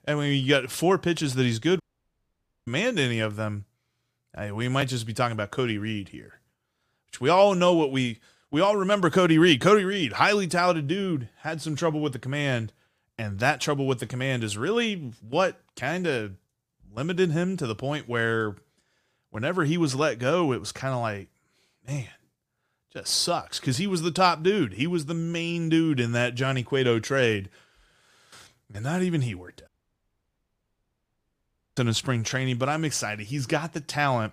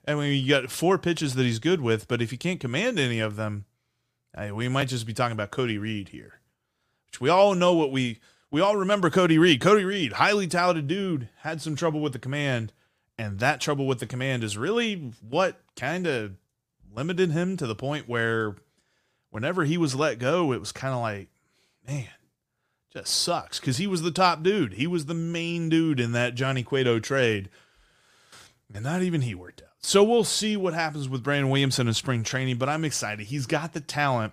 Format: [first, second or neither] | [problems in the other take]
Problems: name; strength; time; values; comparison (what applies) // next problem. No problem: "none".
second | audio cutting out; at 2 s for 1 s and at 30 s for 2 s